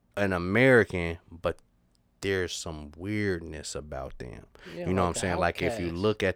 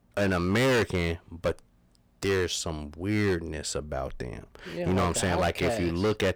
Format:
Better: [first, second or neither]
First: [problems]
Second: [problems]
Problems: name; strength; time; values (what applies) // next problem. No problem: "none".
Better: first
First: none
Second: distortion; heavy; 10% of the sound clipped